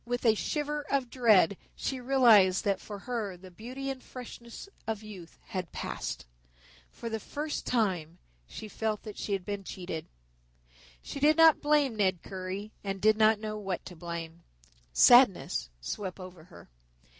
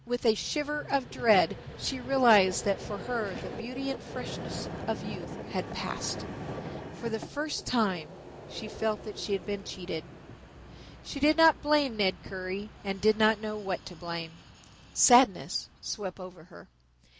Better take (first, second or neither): first